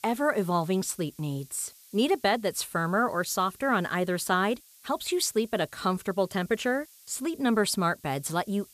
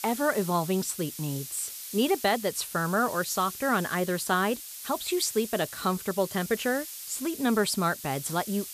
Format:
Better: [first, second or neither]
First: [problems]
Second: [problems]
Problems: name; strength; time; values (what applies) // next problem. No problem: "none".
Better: first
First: hiss; faint; throughout; 25 dB below the speech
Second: hiss; loud; throughout; 10 dB below the speech